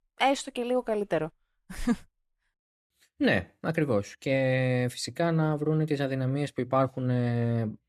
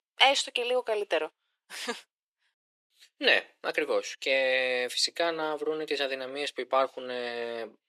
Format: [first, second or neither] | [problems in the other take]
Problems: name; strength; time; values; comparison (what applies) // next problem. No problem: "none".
first | thin; very; fading below 400 Hz